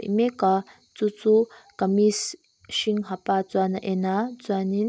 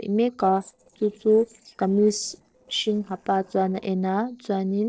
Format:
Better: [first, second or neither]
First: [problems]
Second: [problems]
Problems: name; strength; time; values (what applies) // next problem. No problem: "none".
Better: first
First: none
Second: noise reduction (neural separator model SepFormer DNS4)